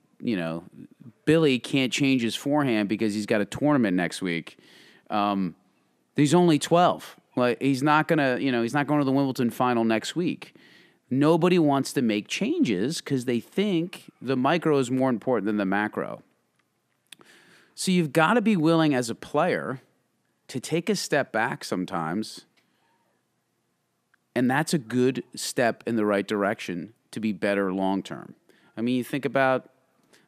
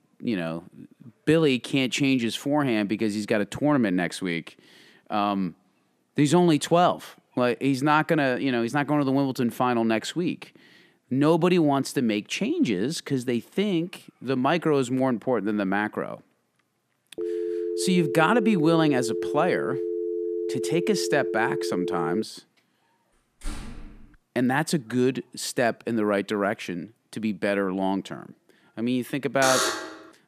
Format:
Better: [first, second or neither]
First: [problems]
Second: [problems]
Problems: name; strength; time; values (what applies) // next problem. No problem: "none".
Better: first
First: none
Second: phone ringing; noticeable; from 17 to 22 s; peak 4 dB below the speech // door banging; faint; at 23 s; peak 15 dB below the speech // alarm; loud; at 29 s; peak 2 dB above the speech